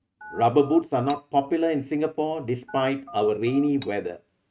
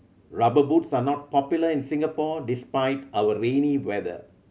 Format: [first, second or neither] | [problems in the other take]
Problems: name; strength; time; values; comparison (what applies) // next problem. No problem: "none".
second | noise reduction (neural mask model RNNoise)